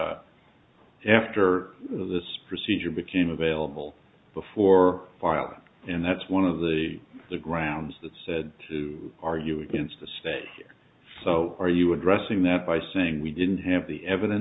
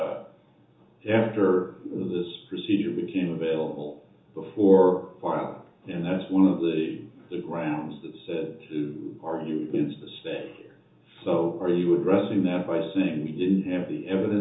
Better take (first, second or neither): first